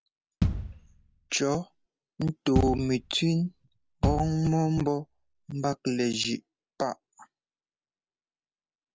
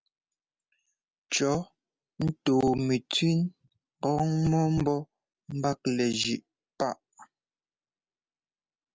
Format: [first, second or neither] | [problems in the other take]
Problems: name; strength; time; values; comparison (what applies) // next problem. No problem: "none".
second | background sound (Bass drum); 3 dB below the speech